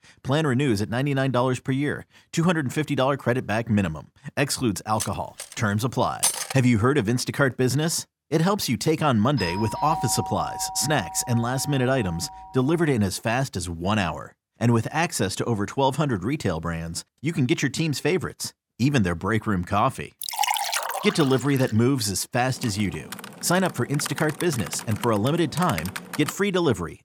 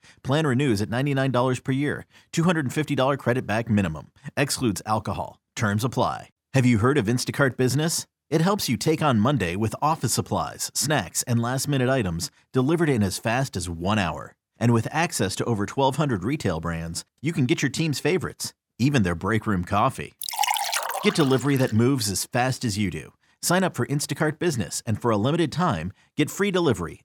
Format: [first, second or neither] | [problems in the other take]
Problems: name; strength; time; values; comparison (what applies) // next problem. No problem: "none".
second | clattering dishes; loud; from 5 to 6.5 s; peak 1 dB above the speech // doorbell; noticeable; from 9.5 to 13 s; peak 6 dB below the speech // keyboard typing; noticeable; from 23 to 26 s; peak 8 dB below the speech